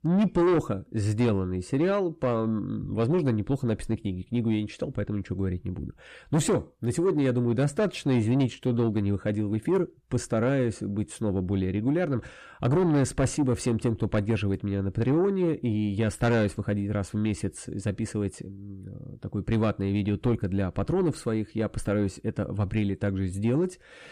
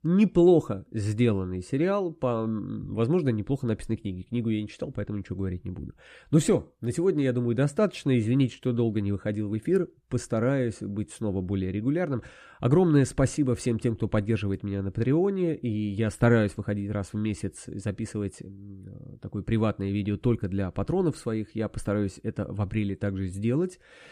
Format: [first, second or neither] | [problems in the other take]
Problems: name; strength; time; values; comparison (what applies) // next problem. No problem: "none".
second | distortion; slight; 10 dB below the speech